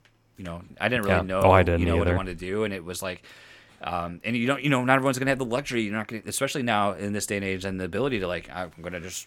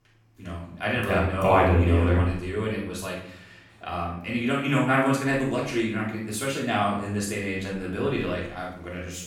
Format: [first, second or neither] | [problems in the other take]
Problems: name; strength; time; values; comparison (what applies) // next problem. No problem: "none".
first | off-mic speech; far // room echo; noticeable; dies away in 0.6 s